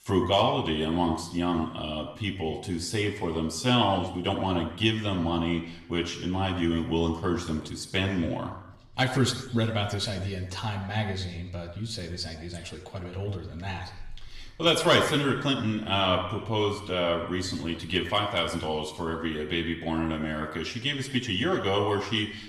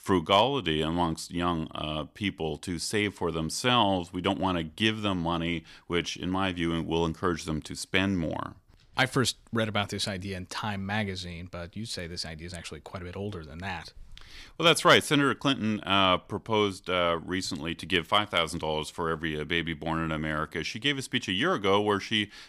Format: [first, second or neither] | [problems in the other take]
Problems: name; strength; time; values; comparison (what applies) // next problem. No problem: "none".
second | room echo; slight; dies away in 0.8 s // off-mic speech; somewhat distant